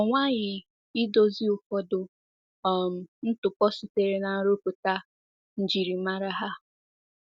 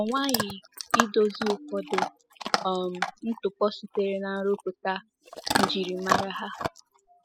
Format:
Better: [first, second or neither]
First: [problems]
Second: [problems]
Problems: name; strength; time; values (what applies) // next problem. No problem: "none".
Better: first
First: none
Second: noise reduction (classical method spectral subtraction)